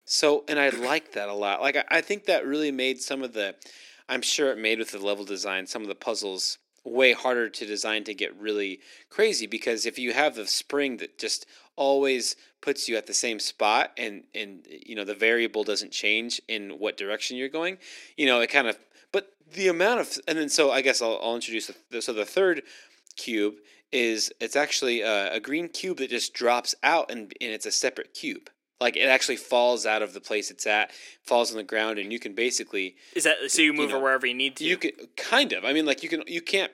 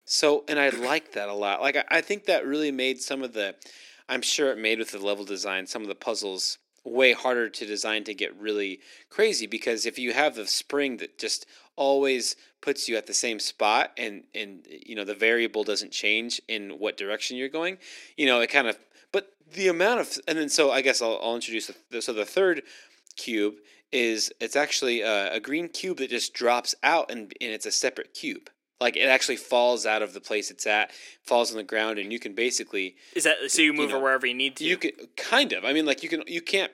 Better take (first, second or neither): neither